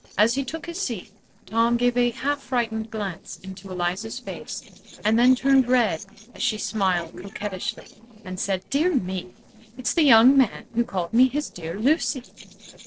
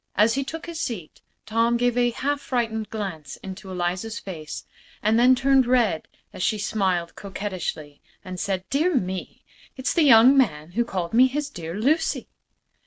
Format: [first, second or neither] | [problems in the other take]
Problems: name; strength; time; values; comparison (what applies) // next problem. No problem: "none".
second | noise reduction (neural separator model SepFormer DNS4)